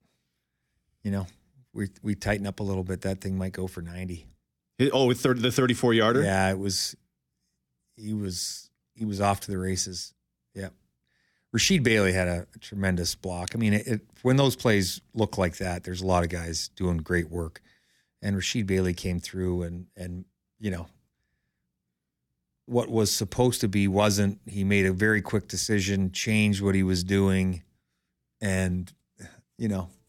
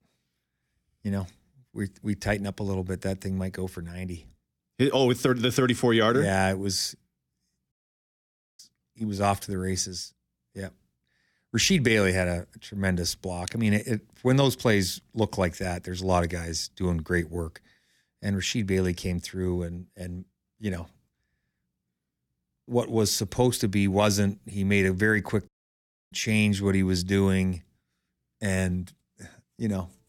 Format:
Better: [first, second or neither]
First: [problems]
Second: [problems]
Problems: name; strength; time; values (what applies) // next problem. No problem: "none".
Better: first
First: none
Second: audio cutting out; at 7.5 s for 1 s and at 25 s for 0.5 s